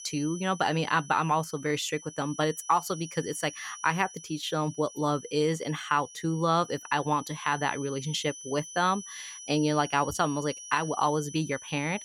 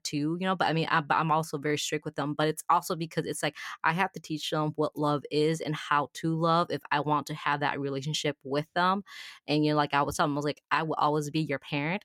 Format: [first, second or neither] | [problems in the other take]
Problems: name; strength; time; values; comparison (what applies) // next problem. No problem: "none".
second | high-pitched whine; noticeable; throughout; 6 kHz, 15 dB below the speech